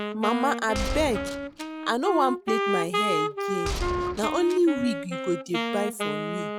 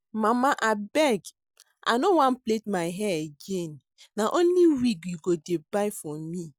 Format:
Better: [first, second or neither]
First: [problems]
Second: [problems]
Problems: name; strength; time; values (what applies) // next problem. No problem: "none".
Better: second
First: background sound (Wind instrument, woodwind instrument + Gunshot, gunfire); 2 dB below the speech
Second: none